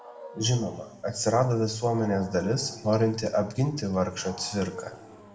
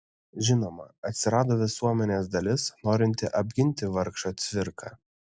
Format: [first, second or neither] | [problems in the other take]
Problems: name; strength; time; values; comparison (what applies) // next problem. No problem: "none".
second | background sound (Wild animals); 19 dB below the speech // room echo; dies away in 1 s